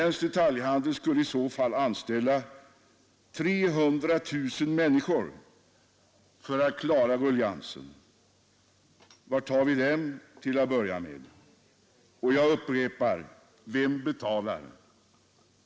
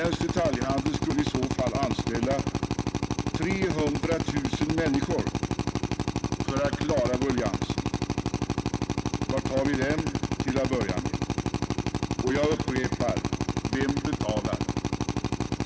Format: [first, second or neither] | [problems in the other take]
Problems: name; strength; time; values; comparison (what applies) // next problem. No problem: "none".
first | background sound (Drill); 3 dB above the speech